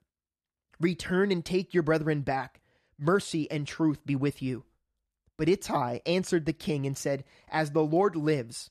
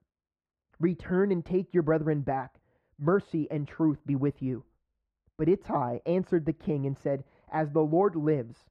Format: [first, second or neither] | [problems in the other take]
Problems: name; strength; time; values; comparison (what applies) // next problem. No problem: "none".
first | muffled; very; fading above 3 kHz